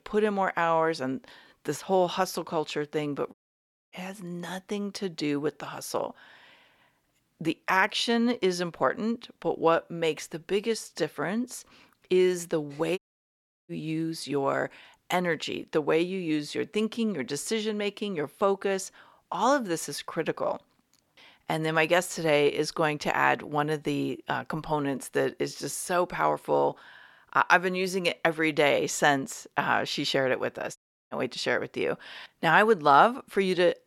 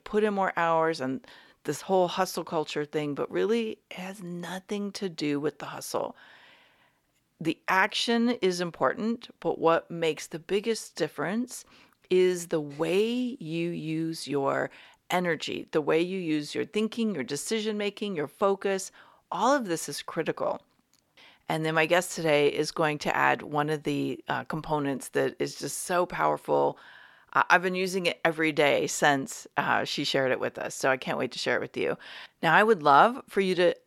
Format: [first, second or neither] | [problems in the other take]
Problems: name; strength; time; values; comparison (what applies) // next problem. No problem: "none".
second | audio cutting out; at 3.5 s for 0.5 s, at 13 s for 0.5 s and at 31 s